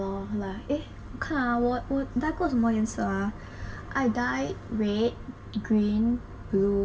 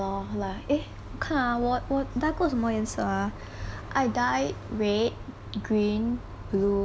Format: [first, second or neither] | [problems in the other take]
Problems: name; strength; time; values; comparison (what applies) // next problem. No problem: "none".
second | room echo; dies away in 0.1 s